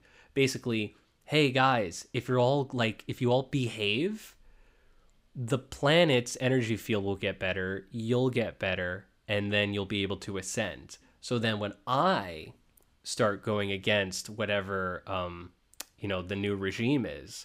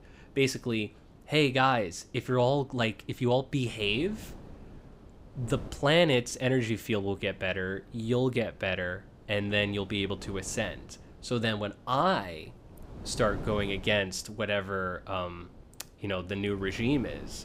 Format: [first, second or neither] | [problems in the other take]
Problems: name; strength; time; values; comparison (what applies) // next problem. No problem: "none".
first | wind noise on the microphone; occasional gusts; 25 dB below the speech